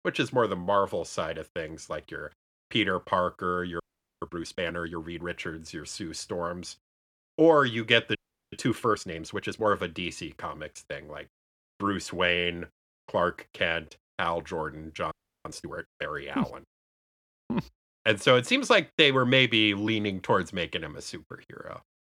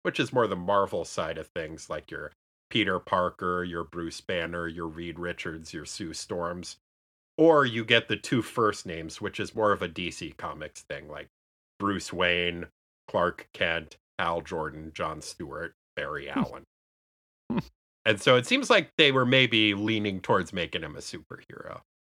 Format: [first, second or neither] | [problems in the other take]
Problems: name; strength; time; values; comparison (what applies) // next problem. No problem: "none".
second | audio freezing; at 4 s, at 8 s and at 15 s